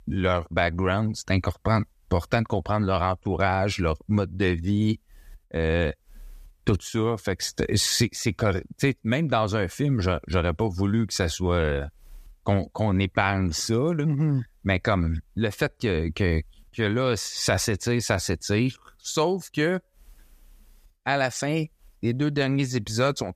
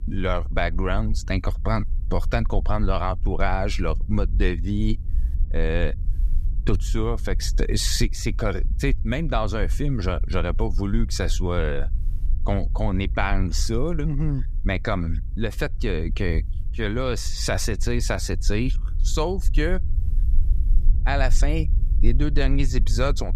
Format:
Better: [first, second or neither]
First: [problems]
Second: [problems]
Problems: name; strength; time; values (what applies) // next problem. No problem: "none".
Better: first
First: none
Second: low rumble; faint; throughout; 20 dB below the speech